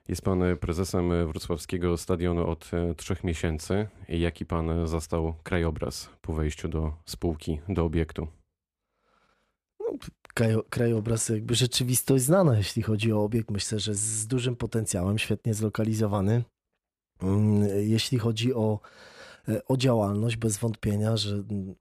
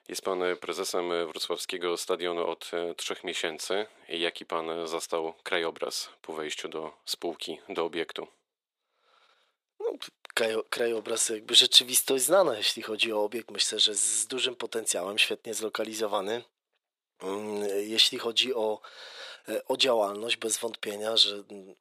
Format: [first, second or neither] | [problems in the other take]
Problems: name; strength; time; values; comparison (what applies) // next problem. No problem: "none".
first | thin; very; fading below 450 Hz